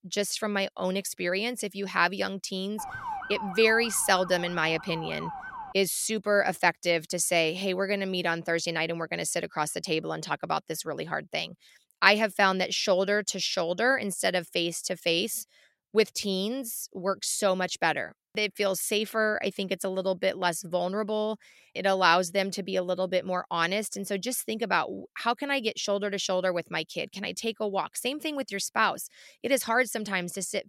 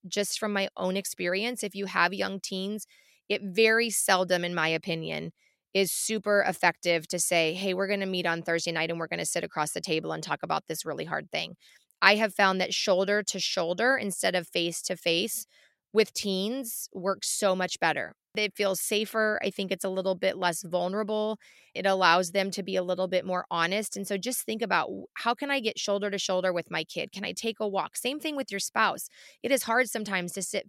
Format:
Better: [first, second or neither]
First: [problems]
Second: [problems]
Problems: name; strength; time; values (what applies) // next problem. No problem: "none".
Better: second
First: siren; noticeable; from 3 to 5.5 s; peak 8 dB below the speech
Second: none